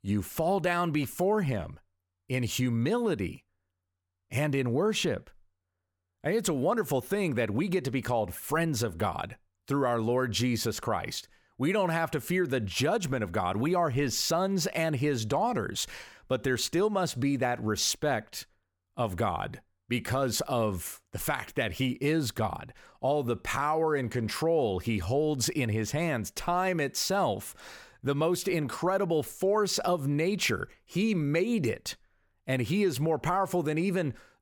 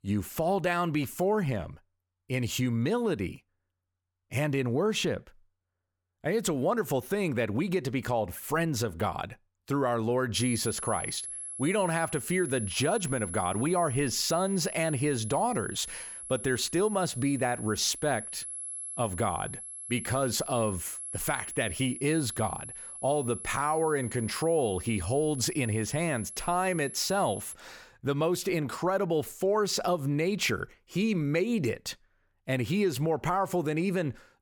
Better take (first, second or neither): first